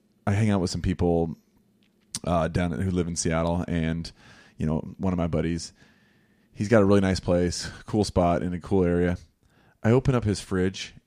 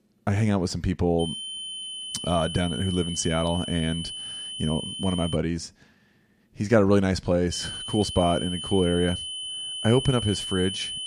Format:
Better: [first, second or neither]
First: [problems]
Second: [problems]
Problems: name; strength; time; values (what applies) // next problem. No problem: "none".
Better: first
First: none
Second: high-pitched whine; loud; from 1 to 5.5 s and from 7.5 s on; 3 kHz, 7 dB below the speech